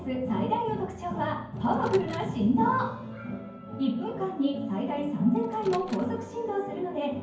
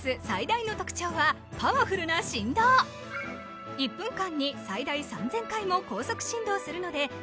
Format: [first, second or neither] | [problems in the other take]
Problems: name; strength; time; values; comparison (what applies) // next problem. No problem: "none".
second | background sound (Microwave oven); 20 dB below the speech // room echo; dies away in 0.9 s